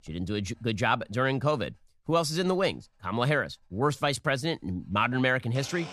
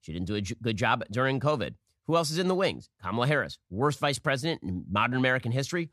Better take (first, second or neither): second